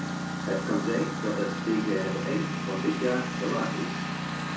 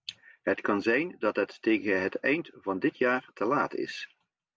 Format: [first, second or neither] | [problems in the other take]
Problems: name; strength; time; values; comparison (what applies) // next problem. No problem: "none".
second | background sound (Engine); 1 dB below the speech // room echo; dies away in 0.6 s